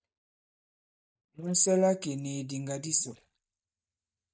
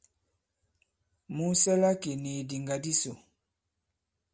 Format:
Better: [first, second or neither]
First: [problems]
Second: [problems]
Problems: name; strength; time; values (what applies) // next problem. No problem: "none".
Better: second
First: noise reduction (neural mask model DeepFilterNet 3)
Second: none